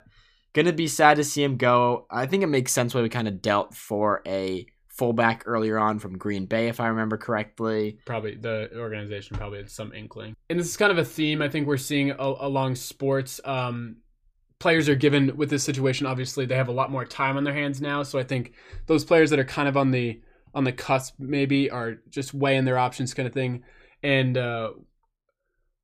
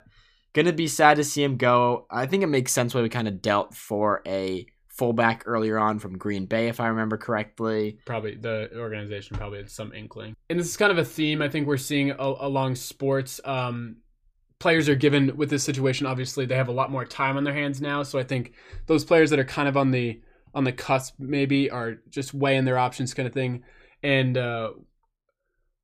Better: neither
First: none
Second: none

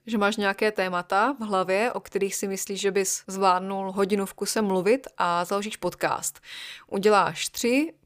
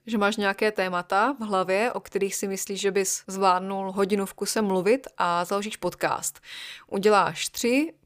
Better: neither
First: none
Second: none

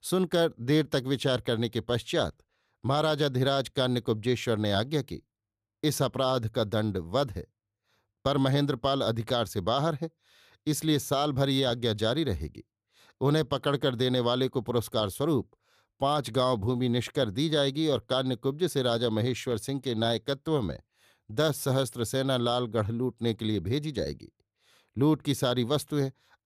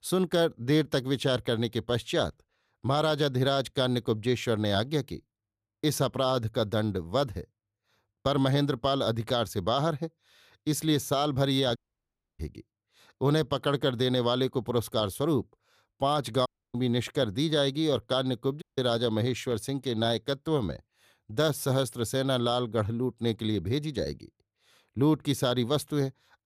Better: first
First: none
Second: audio cutting out; at 12 s for 0.5 s, at 16 s and at 19 s

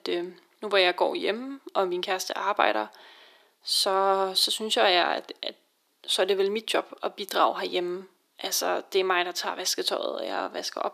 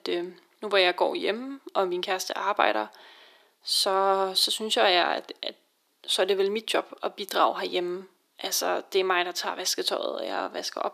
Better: neither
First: thin; very; fading below 350 Hz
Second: thin; very; fading below 350 Hz

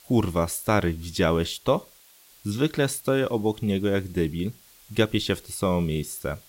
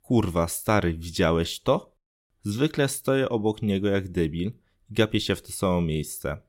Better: second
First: hiss; faint; throughout; 25 dB below the speech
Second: none

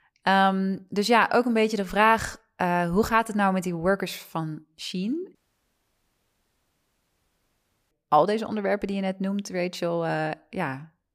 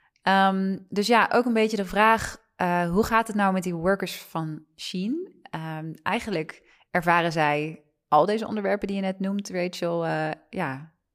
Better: second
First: audio cutting out; at 5.5 s for 2.5 s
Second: none

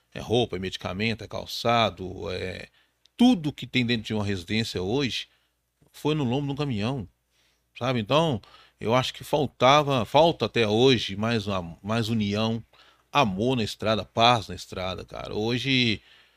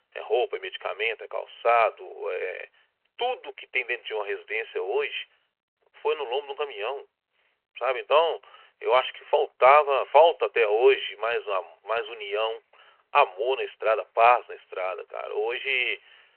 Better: first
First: none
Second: phone-call audio

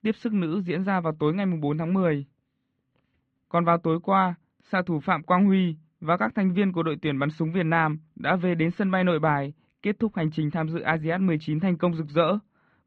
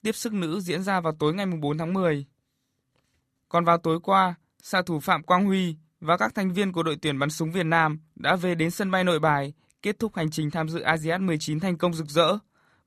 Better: second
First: muffled; slightly; fading above 3 kHz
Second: none

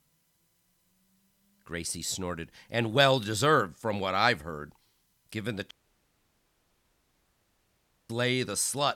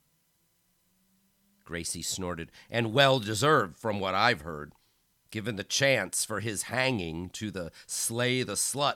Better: second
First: audio cutting out; at 5.5 s for 2.5 s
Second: none

